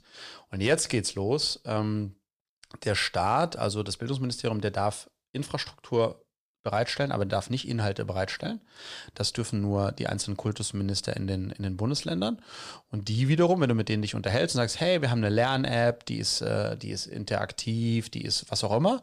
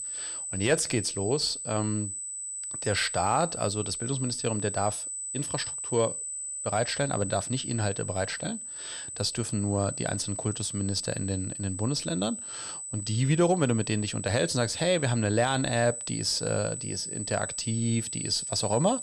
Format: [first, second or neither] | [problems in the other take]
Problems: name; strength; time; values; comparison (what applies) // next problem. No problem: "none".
first | high-pitched whine; loud; throughout; 8 kHz, 5 dB below the speech